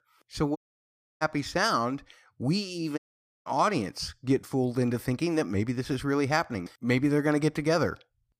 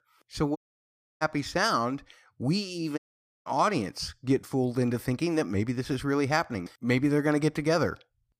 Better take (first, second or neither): neither